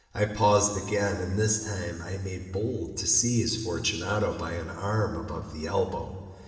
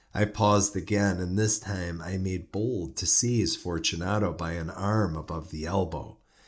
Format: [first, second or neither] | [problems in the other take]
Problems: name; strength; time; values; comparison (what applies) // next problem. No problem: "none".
second | room echo; dies away in 2 s